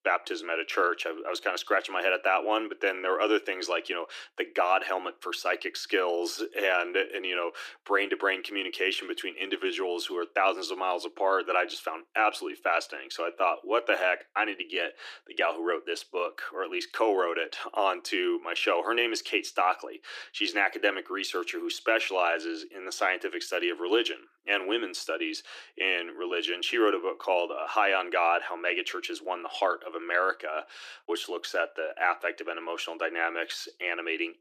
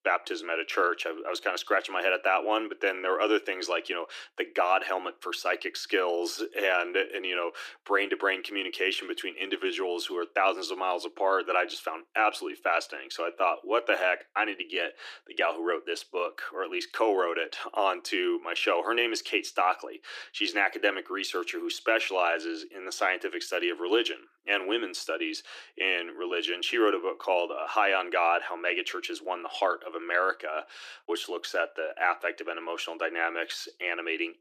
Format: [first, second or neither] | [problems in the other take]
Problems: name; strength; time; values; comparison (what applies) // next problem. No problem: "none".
neither | thin; very; fading below 300 Hz; the same in both